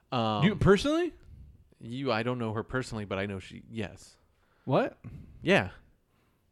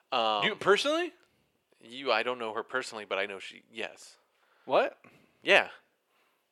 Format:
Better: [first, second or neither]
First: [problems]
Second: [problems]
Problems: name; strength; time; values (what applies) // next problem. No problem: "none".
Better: first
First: none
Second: thin; very; fading below 550 Hz